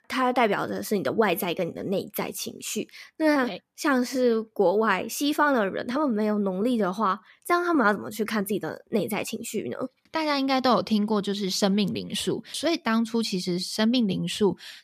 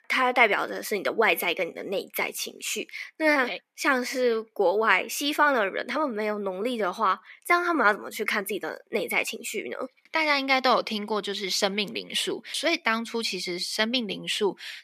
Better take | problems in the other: first | thin; somewhat; fading below 350 Hz

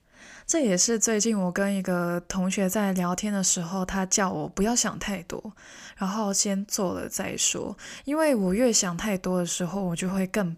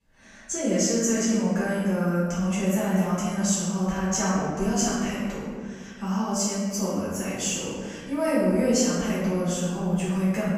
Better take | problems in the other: first | off-mic speech; far // room echo; strong; dies away in 1.8 s

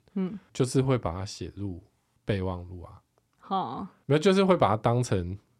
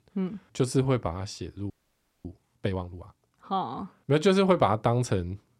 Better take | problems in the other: first | audio freezing; at 1.5 s for 0.5 s

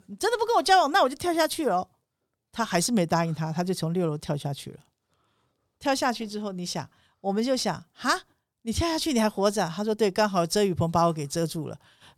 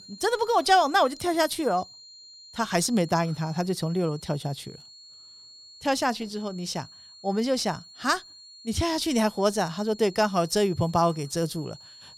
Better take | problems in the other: first | high-pitched whine; noticeable; throughout; 4.5 kHz, 20 dB below the speech

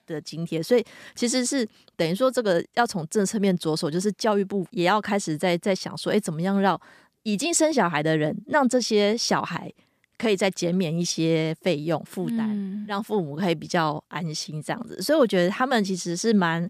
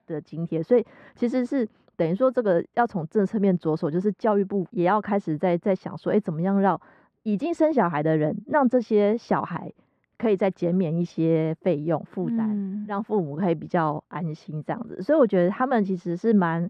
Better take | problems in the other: first | muffled; very; fading above 3.5 kHz

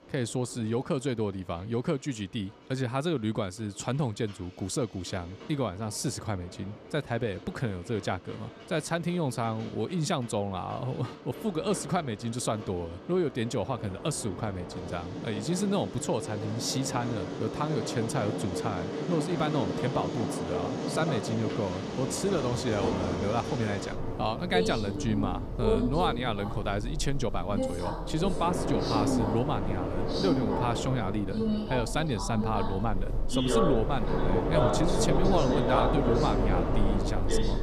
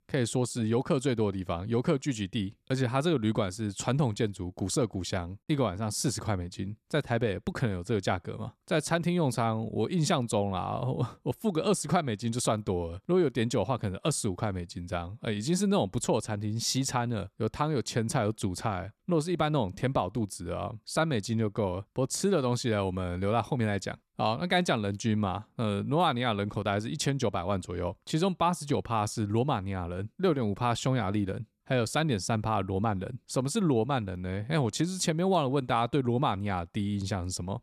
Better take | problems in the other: second | train or aircraft noise; loud; throughout; as loud as the speech

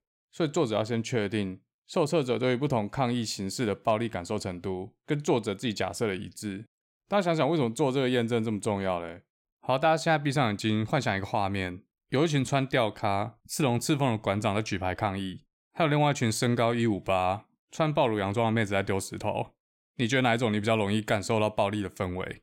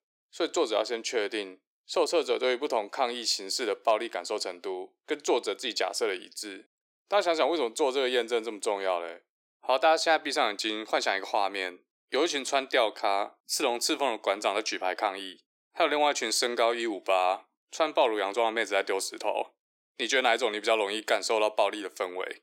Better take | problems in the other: first | thin; very; fading below 350 Hz

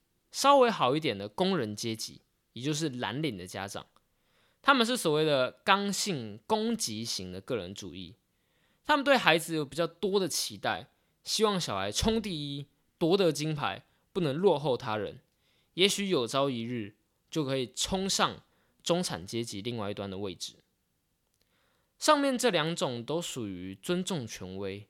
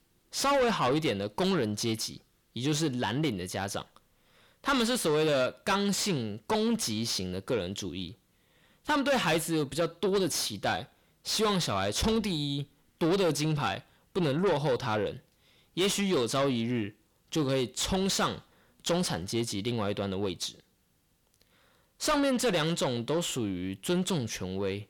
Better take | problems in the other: first | distortion; heavy; 6 dB below the speech

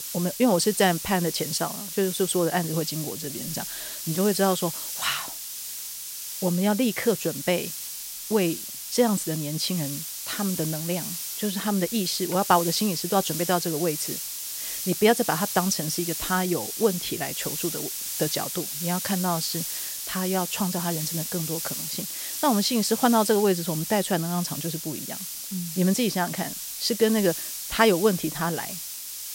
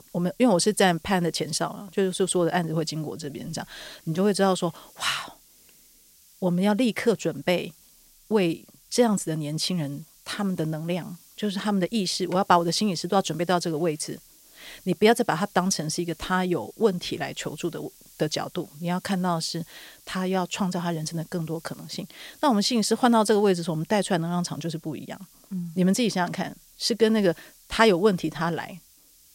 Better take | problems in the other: second | hiss; loud; throughout; 5 dB below the speech; faint in the second

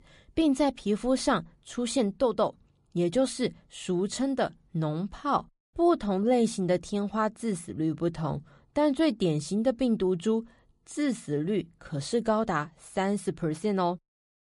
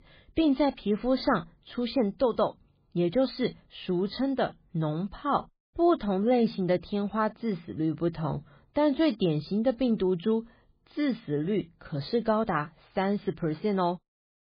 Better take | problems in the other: first | garbled, watery; badly; nothing above 4.5 kHz; slightly in the first

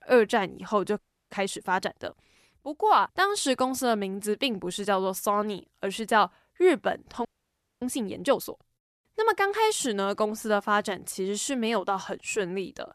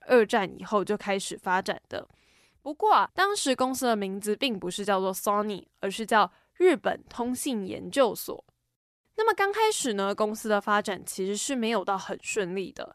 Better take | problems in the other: second | audio freezing; at 1 s and at 7.5 s for 0.5 s

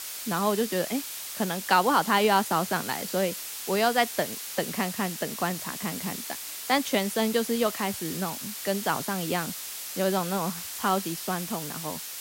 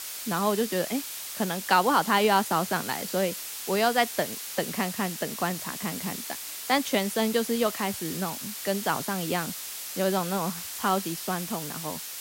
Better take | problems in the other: neither | hiss; loud; throughout; 6 dB below the speech; the same in both

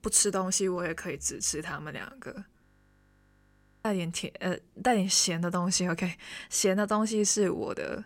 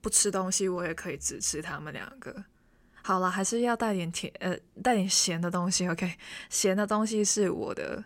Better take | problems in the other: second | audio freezing; at 2.5 s for 1 s

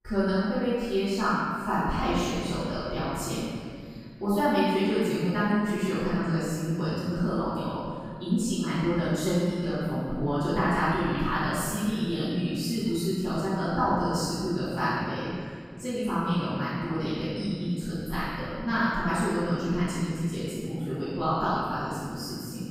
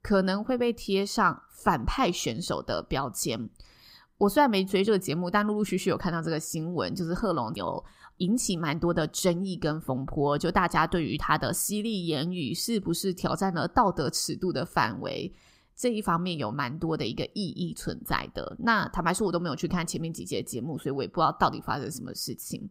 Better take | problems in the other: second | off-mic speech; far // room echo; strong; dies away in 2.3 s

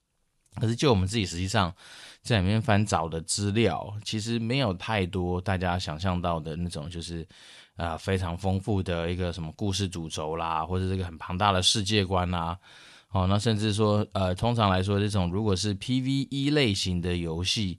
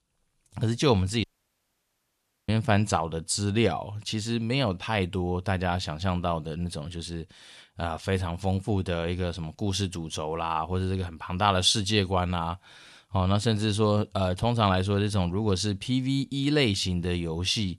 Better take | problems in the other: first | audio cutting out; at 1 s for 1 s

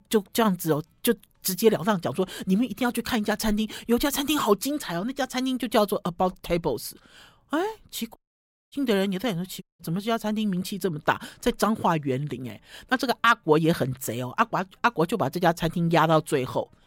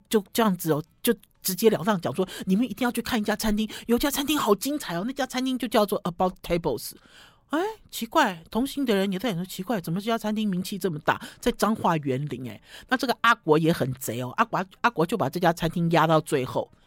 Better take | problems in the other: second | audio cutting out; at 8 s for 0.5 s and at 9.5 s

